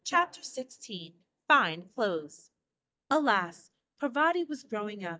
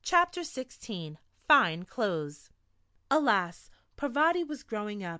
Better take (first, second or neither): second